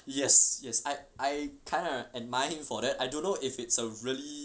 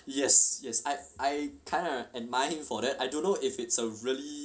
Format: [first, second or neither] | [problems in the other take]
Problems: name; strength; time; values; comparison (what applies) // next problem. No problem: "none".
first | room echo; dies away in 0.3 s